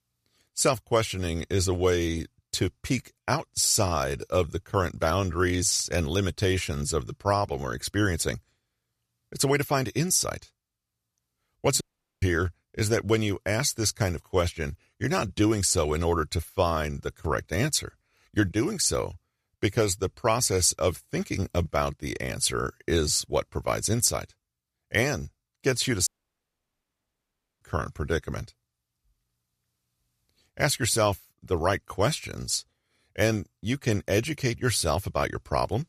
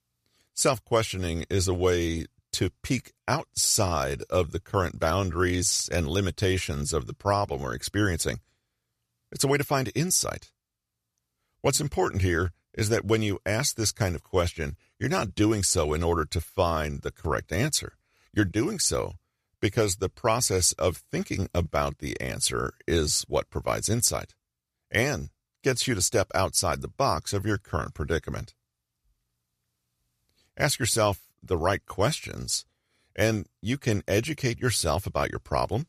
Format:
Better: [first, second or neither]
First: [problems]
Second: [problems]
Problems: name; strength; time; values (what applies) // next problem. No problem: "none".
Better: second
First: audio cutting out; at 12 s and at 26 s for 1.5 s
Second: none